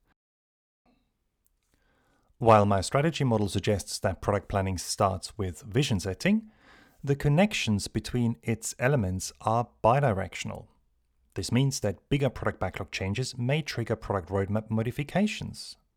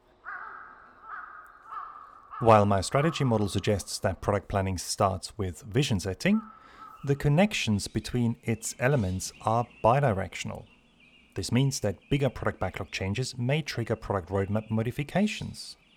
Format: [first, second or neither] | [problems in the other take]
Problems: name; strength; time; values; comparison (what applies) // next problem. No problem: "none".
first | animal sounds; noticeable; throughout; 20 dB below the speech